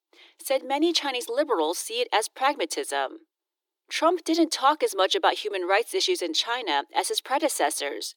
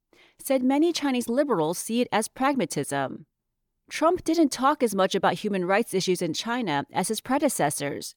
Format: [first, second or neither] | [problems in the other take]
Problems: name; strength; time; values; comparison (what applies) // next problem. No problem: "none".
second | thin; very; fading below 300 Hz